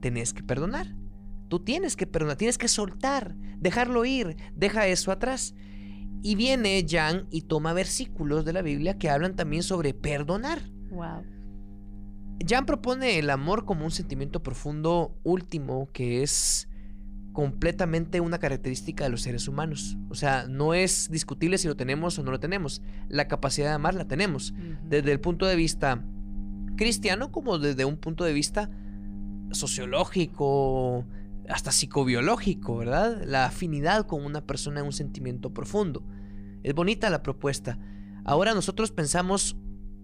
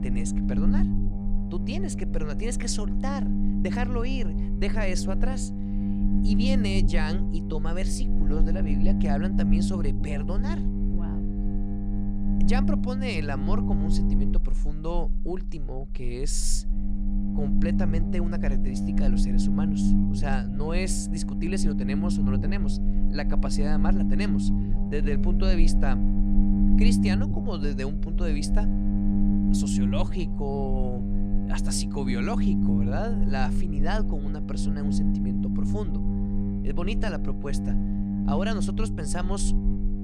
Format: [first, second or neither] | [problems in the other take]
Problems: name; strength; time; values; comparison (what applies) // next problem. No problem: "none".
first | low rumble; loud; throughout; as loud as the speech; faint in the first